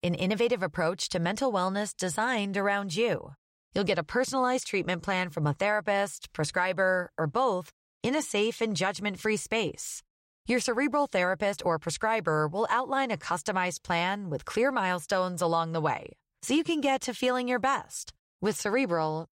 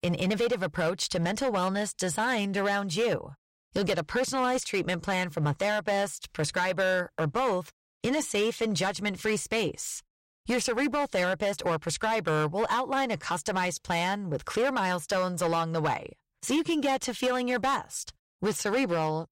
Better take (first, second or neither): first